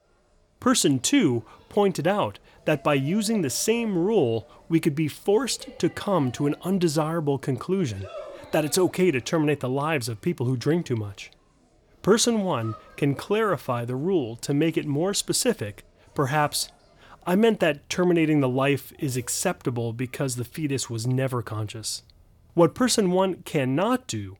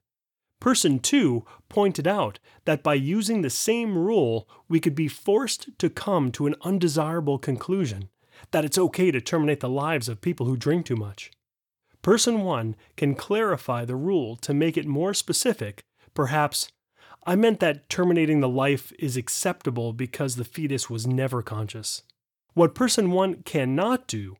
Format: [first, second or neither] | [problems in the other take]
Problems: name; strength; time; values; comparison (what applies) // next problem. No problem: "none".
second | animal sounds; faint; throughout; 25 dB below the speech